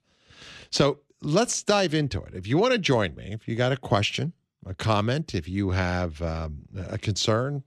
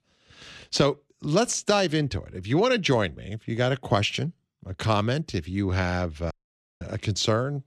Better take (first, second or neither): first